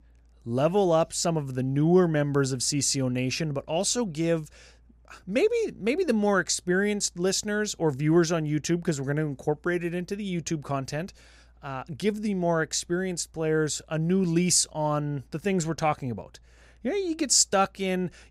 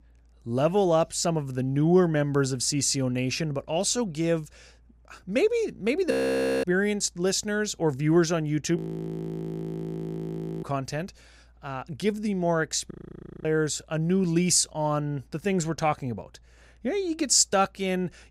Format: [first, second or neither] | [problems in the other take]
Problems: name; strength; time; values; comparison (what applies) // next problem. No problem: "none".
first | audio freezing; at 6 s for 0.5 s, at 9 s for 2 s and at 13 s for 0.5 s